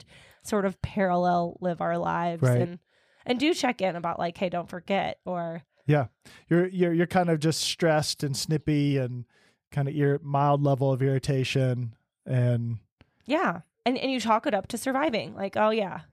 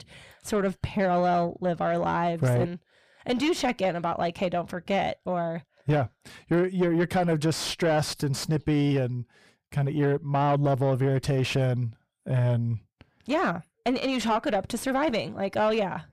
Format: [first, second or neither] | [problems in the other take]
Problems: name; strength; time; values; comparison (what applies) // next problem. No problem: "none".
first | distortion; slight; 10 dB below the speech